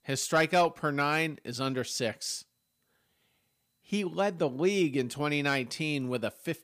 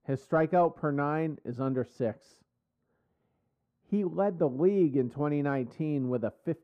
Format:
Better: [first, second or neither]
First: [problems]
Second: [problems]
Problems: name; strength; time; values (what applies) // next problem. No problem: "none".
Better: first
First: none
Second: muffled; very; fading above 1.5 kHz